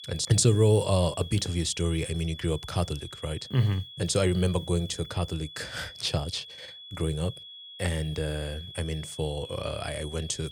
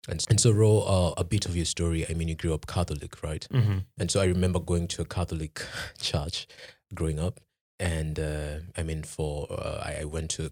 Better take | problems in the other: second | high-pitched whine; noticeable; throughout; 3.5 kHz, 15 dB below the speech

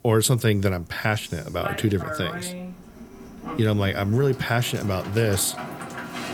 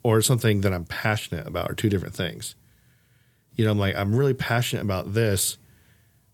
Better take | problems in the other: second | household noises; noticeable; throughout; 10 dB below the speech

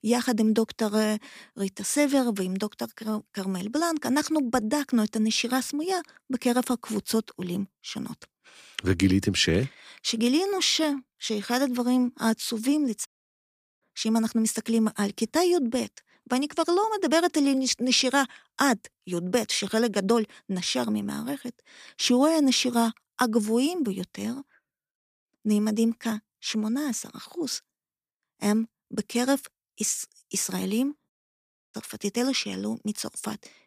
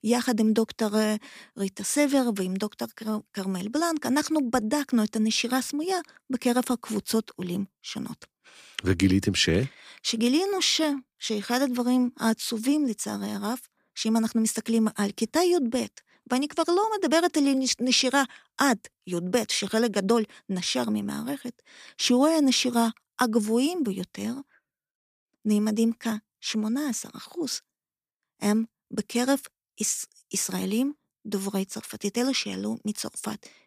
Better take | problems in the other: second | audio cutting out; at 13 s for 1 s and at 31 s for 0.5 s

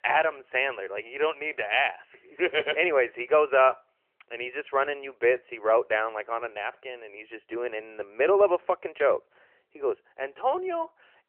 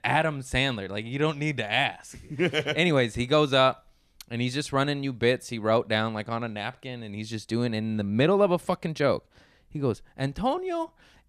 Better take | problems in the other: second | phone-call audio; nothing above 3 kHz

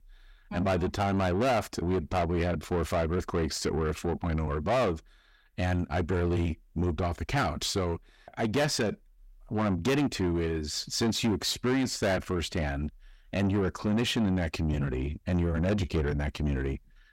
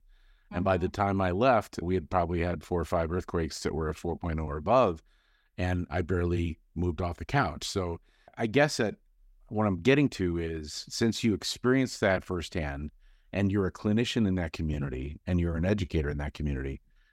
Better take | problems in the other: second | distortion; heavy; 8 dB below the speech

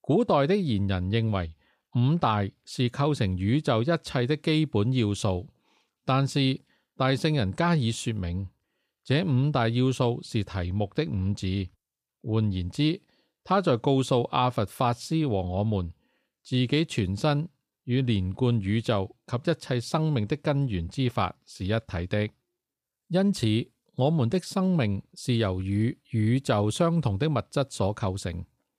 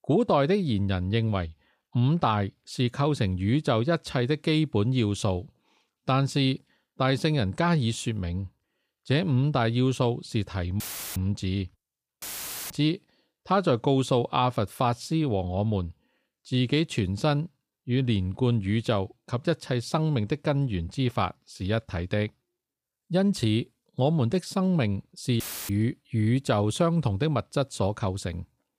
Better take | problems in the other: first | audio cutting out; filled with static; at 11 s, at 12 s and at 25 s

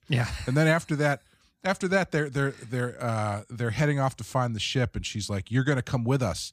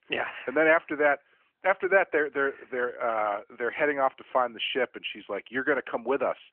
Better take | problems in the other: first | phone-call audio; nothing above 3 kHz

